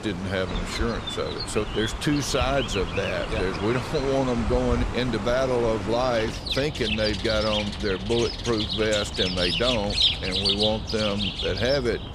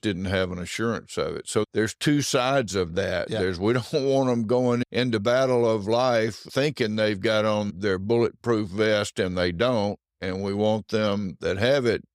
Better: second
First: animal sounds; loud; throughout; 2 dB below the speech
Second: none

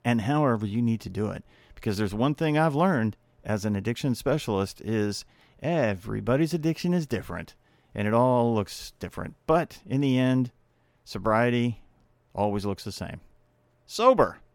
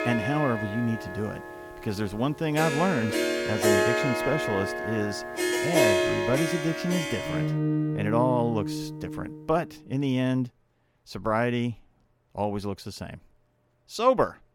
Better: first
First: none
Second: background music; very loud; until 9.5 s; 1 dB above the speech

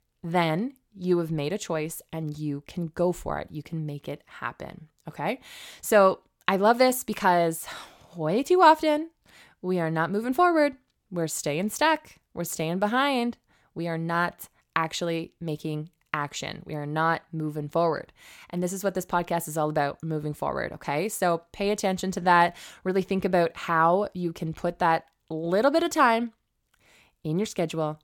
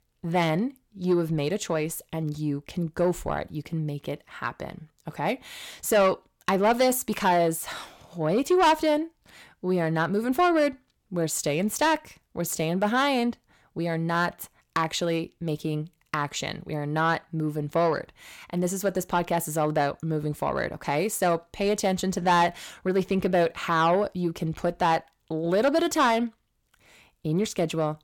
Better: first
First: none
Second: distortion; slight; 10 dB below the speech

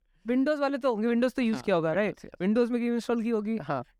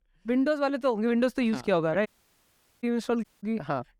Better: first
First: none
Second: audio cutting out; at 2 s for 1 s and at 3 s

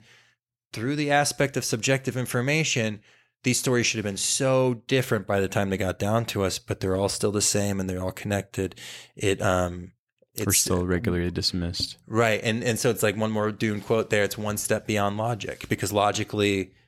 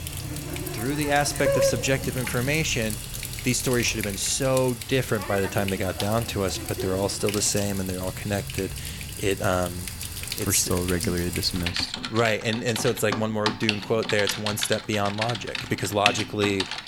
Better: first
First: none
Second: household noises; loud; throughout; 5 dB below the speech

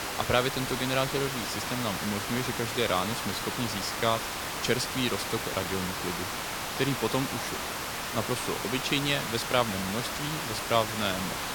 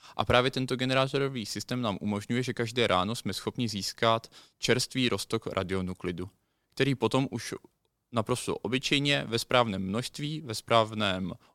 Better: second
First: hiss; loud; throughout; 2 dB below the speech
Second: none

